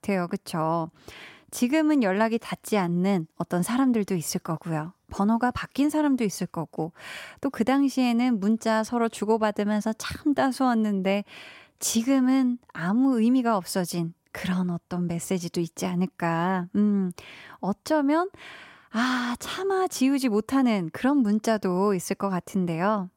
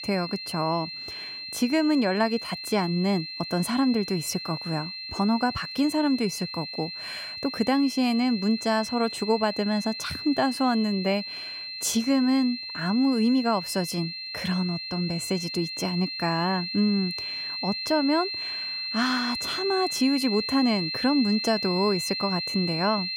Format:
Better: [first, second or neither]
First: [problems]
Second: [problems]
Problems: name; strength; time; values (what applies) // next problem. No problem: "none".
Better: first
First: none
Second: high-pitched whine; loud; throughout; 4 kHz, 5 dB below the speech